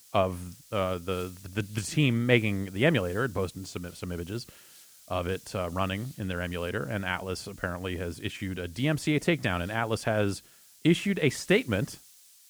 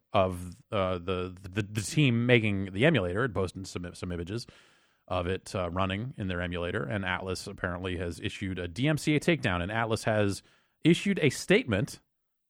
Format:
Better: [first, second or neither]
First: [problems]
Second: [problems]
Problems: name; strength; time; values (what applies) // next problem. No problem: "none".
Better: second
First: hiss; faint; throughout; 20 dB below the speech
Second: none